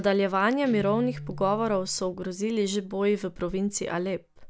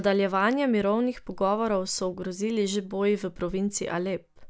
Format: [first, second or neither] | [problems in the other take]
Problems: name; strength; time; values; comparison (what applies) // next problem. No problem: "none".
second | background sound (Guitar); 16 dB below the speech